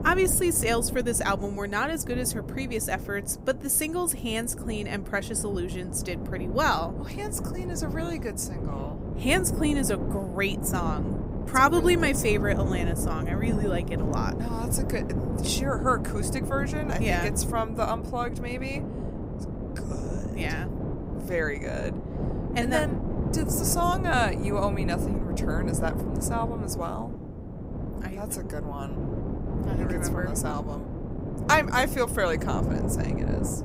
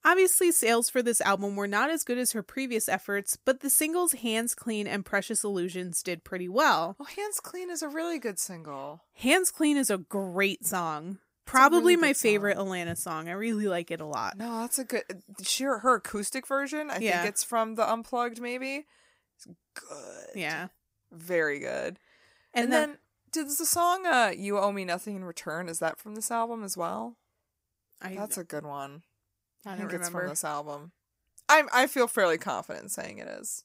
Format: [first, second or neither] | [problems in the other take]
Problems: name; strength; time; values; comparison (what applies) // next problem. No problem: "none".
second | wind noise on the microphone; heavy; 9 dB below the speech